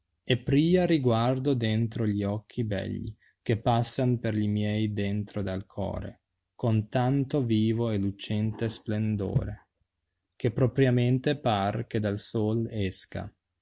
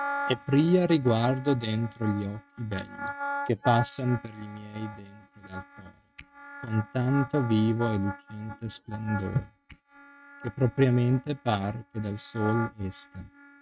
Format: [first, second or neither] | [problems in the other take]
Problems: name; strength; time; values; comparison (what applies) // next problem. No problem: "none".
first | noise reduction (neural mask model RNNoise)